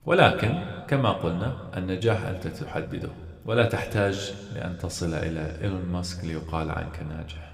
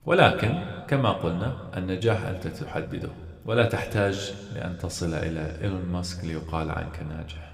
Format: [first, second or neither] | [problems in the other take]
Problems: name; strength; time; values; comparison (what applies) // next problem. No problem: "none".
neither | room echo; slight; dies away in 1.7 s; the same in both